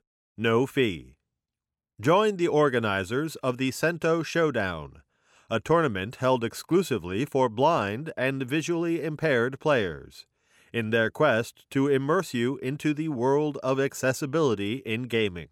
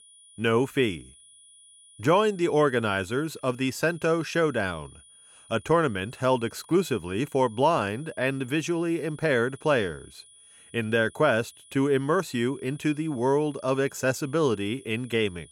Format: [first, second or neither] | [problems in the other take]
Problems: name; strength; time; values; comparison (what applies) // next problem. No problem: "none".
first | high-pitched whine; faint; throughout; 9.5 kHz, 25 dB below the speech